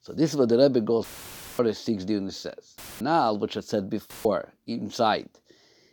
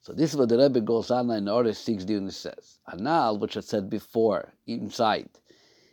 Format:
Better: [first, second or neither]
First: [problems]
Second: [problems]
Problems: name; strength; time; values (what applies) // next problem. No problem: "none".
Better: second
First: audio cutting out; filled with static; at 1 s for 0.5 s, at 3 s and at 4 s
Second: none